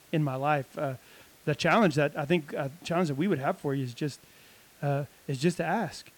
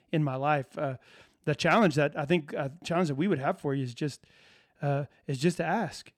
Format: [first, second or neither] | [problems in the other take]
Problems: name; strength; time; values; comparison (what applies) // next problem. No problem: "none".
second | hiss; faint; throughout; 25 dB below the speech